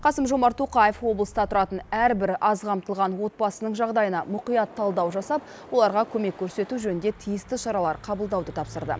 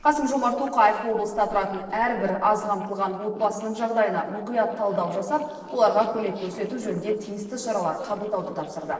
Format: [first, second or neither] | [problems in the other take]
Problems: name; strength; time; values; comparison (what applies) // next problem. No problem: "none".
first | noise reduction (neural separator model SepFormer DNS4)